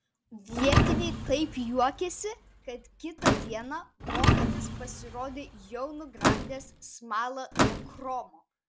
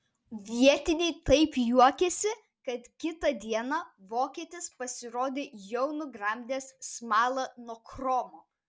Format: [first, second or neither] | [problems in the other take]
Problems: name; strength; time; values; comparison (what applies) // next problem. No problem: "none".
second | background sound (Thump, thud + Slam / Microwave oven); 4 dB above the speech